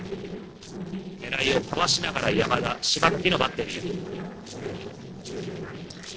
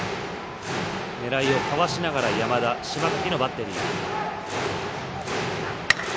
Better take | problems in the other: second | noise reduction (neural separator model SepFormer DNS4)

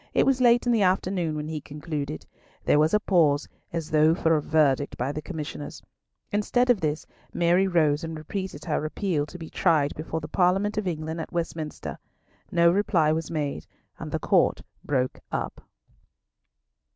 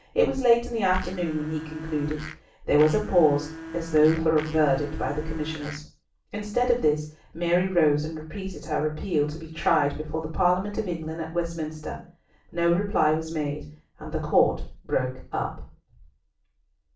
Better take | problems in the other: first | background sound (Domestic sounds, home sounds); 13 dB below the speech // room echo; dies away in 0.3 s

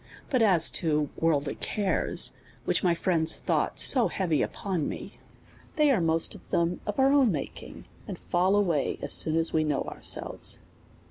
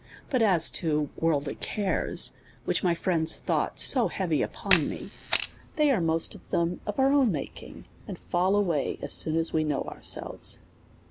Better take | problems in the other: first | background sound (Camera); 6 dB below the speech

